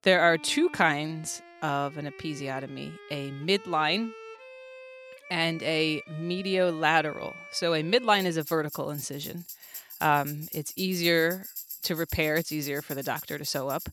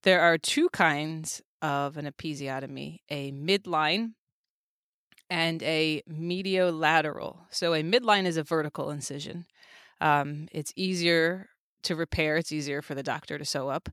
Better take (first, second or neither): second